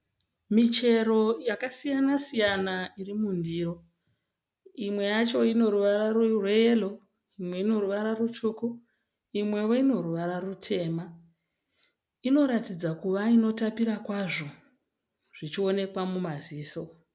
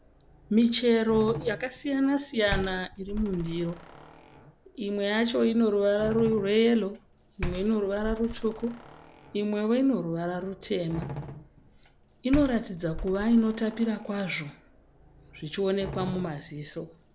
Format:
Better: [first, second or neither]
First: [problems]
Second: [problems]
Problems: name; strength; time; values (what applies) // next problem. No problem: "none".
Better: first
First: none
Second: background sound (Slam); 13 dB below the speech